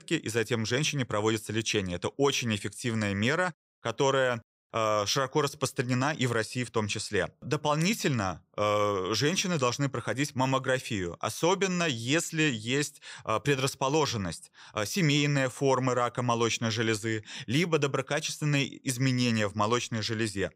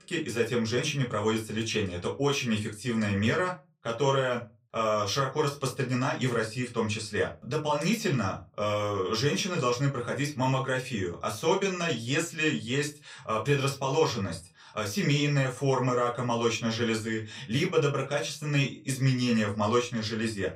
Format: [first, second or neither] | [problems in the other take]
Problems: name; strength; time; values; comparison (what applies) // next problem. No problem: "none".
first | off-mic speech; far // room echo; very slight; dies away in 0.2 s